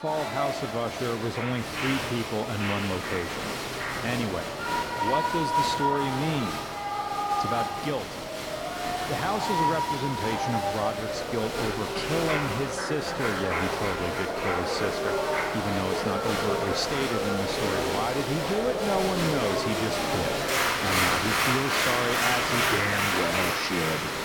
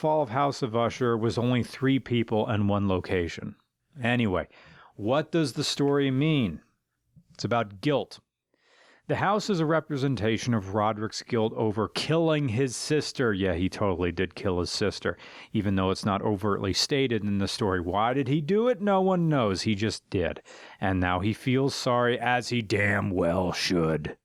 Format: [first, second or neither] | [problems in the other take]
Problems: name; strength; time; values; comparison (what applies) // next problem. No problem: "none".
second | crowd noise; very loud; throughout; 3 dB above the speech